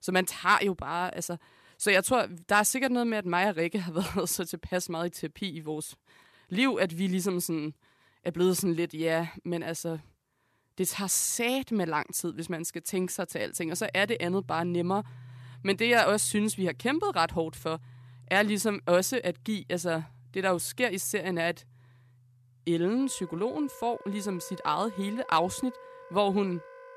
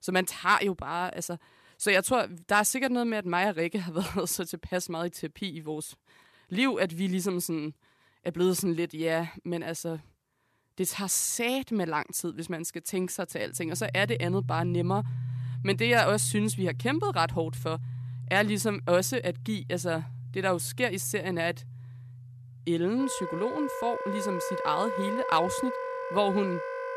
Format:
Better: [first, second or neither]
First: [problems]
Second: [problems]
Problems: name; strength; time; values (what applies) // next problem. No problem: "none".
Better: first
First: background music; faint; from 14 s on; 20 dB below the speech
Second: background music; loud; from 14 s on; 7 dB below the speech